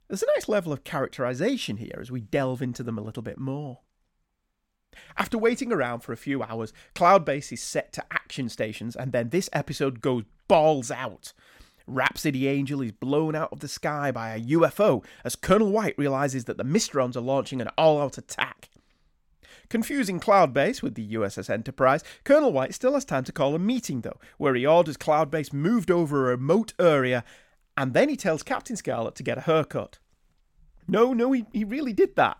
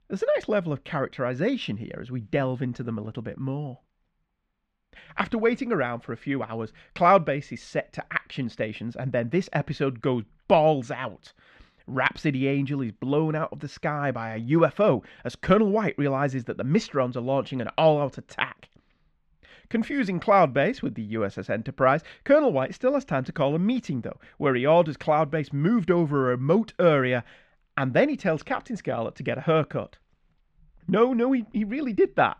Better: first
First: none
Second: muffled; slightly; fading above 3 kHz

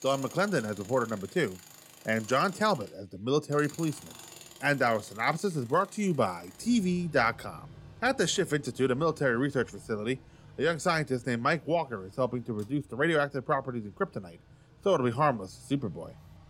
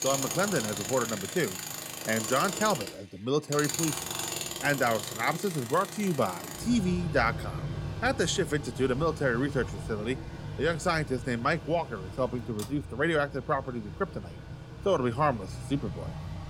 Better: first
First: machinery noise; faint; throughout; 20 dB below the speech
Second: machinery noise; loud; throughout; 7 dB below the speech

